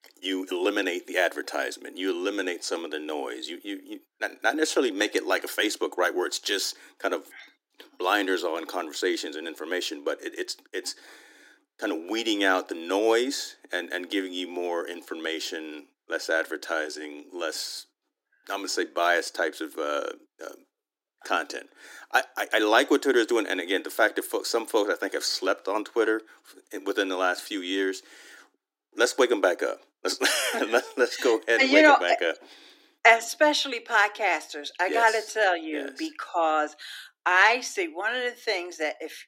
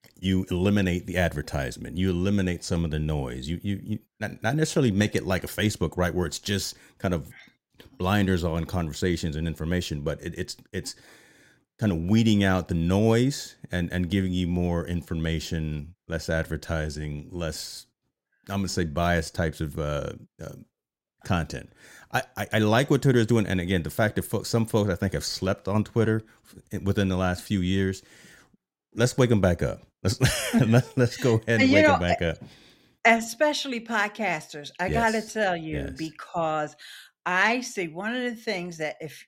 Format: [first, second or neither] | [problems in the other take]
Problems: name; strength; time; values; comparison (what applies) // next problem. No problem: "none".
second | thin; very; fading below 300 Hz